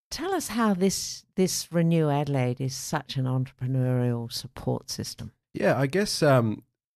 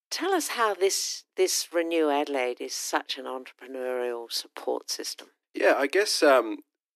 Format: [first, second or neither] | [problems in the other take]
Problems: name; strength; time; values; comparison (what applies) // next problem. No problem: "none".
first | thin; very; fading below 300 Hz